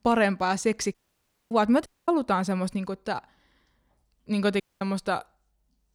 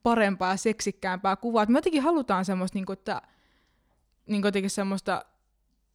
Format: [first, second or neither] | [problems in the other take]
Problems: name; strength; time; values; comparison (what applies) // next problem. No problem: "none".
second | audio cutting out; at 1 s for 0.5 s, at 2 s and at 4.5 s